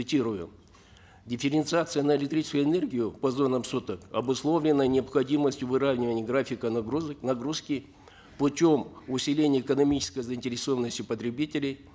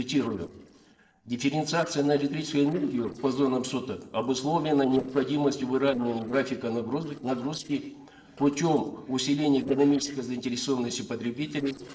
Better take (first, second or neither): first